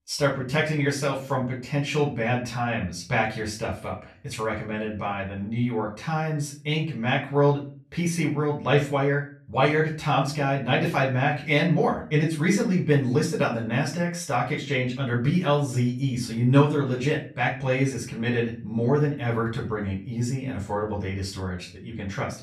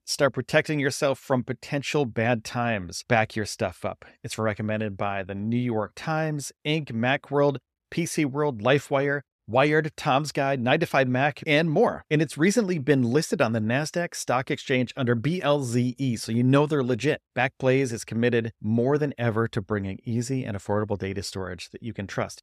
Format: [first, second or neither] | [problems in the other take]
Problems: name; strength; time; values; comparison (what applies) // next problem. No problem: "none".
second | off-mic speech; far // room echo; slight; dies away in 0.3 s